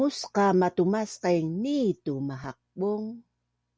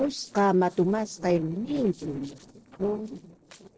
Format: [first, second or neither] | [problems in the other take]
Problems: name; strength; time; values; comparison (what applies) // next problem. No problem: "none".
first | noise reduction (neural separator model SepFormer DNS4)